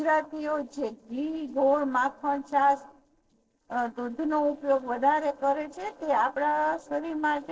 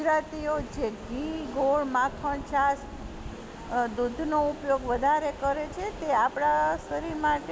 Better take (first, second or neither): second